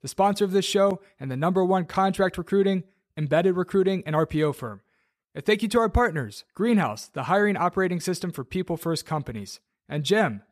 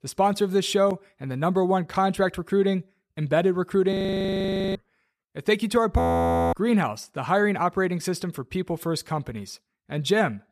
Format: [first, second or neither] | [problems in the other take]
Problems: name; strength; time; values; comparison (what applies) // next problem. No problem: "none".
first | audio freezing; at 4 s for 1 s and at 6 s for 0.5 s